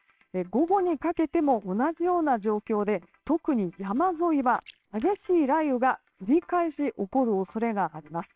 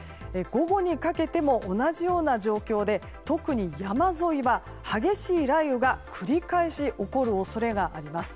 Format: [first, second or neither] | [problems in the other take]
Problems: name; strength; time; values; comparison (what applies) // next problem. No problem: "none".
second | noise reduction (neural separator model SepFormer WHAMR!)